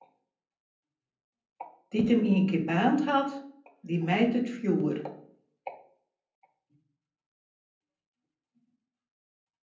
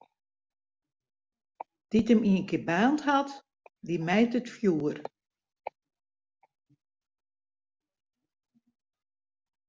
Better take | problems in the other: second | room echo; dies away in 0.6 s

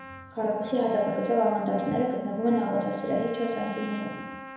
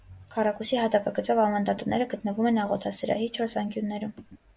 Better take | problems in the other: second | background sound (Trumpet); 14 dB below the speech // room echo; dies away in 1 s

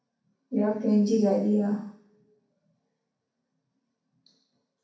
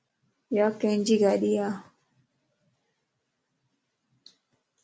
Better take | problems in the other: second | room echo; dies away in 0.6 s

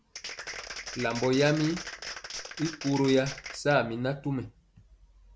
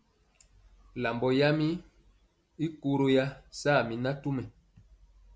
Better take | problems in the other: second | background sound (Applause); 10 dB below the speech

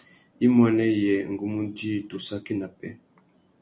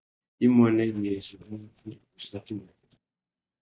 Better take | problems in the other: first | noise reduction (neural mask model DeepFilterNet 3)

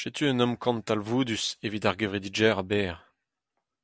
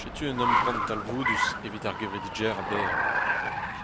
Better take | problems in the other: first | background sound (Car); 5 dB above the speech

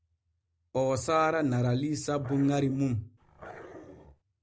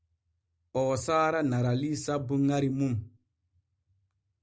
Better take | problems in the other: second | background sound (Growling); 18 dB below the speech

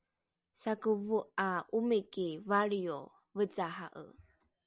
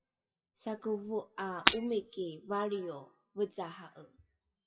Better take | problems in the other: first | noise reduction (classical method WPE with log-MMSE)

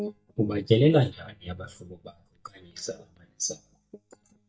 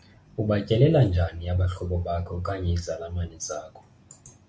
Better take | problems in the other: second | noise reduction (neural mask model DeepFilterNet 3)

